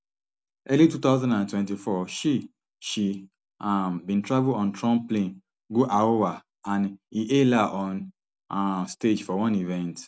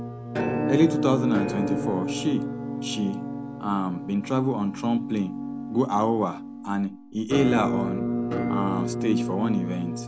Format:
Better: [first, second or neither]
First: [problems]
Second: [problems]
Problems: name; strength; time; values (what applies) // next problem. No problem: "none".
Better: first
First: none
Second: background sound (Musical instrument); 3 dB below the speech